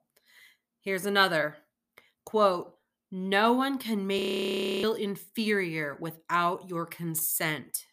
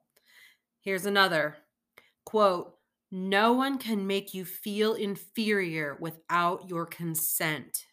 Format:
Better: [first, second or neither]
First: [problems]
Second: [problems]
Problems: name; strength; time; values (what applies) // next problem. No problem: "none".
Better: second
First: audio freezing; at 4 s for 0.5 s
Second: none